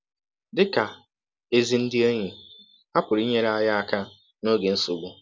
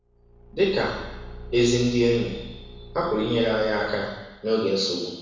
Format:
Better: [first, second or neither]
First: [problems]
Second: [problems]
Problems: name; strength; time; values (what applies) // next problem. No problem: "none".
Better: first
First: none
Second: background sound (Engine / Car); 17 dB below the speech // room echo; dies away in 1 s